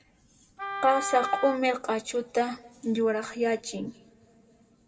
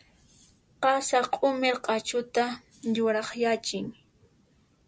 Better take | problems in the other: second | background sound (Wind instrument, woodwind instrument); 7 dB below the speech // room echo; dies away in 1.4 s

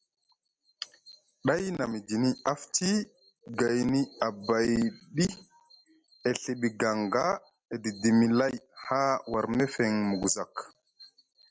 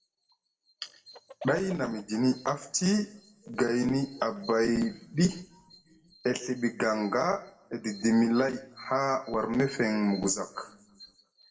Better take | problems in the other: first | background sound (Chicken, rooster); 18 dB below the speech // room echo; dies away in 0.6 s

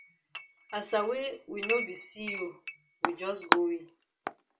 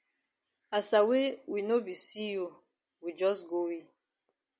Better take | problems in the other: second | background sound (Chink, clink); 1 dB below the speech // room echo; dies away in 0.2 s

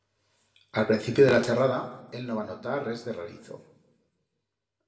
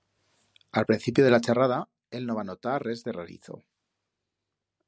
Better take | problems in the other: second | background sound (Fart); 8 dB below the speech // room echo; dies away in 0.8 s

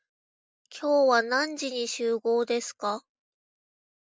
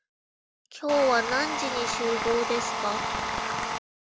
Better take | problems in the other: first | background sound (Tools); 1 dB below the speech

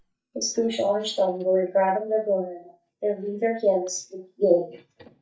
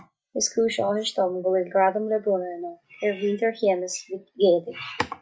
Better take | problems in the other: second | noise reduction (neural mask model DeepFilterNet 3)

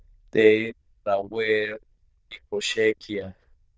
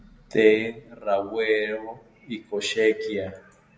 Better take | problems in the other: second | noise reduction (neural diffusion model UNIVERSE++)

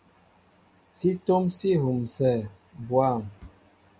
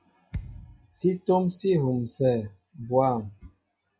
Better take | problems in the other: first | noise reduction (classical method log-MMSE)

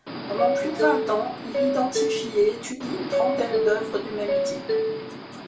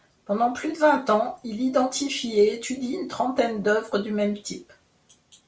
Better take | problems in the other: second | background sound (Subway, metro, underground); 1 dB above the speech // room echo; dies away in 0.2 s

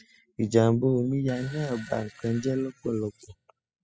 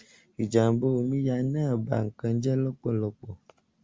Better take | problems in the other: second | noise reduction (classical method spectral subtraction)

